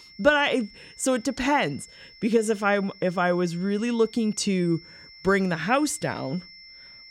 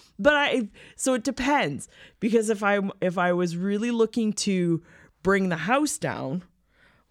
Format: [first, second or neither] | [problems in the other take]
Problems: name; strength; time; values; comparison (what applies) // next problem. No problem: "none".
second | high-pitched whine; faint; throughout; 5.5 kHz, 20 dB below the speech